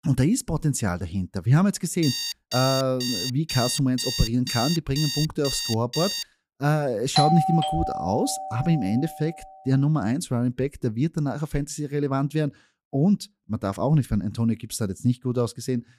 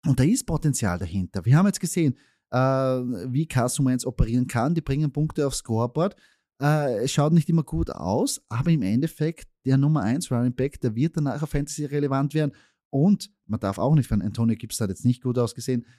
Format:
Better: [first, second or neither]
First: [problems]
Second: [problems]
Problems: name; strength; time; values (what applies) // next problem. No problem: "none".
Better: second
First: alarm; noticeable; from 2 to 6 s; peak 2 dB below the speech // doorbell; loud; from 7 to 9 s; peak 3 dB above the speech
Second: none